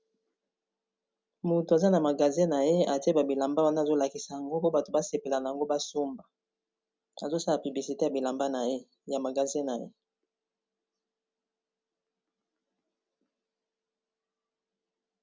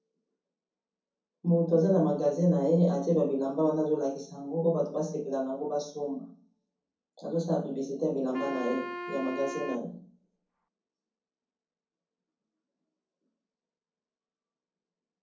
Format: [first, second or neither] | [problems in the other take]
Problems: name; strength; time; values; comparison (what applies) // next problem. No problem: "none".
first | background sound (Wind instrument, woodwind instrument); 9 dB below the speech // room echo; dies away in 0.6 s